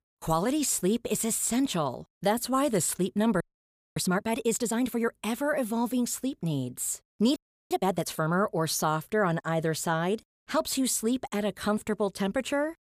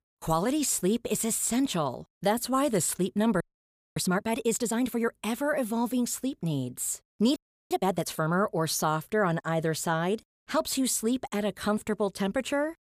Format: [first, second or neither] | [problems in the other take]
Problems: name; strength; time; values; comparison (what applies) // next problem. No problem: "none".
neither | audio freezing; at 3.5 s for 0.5 s and at 7.5 s; the same in both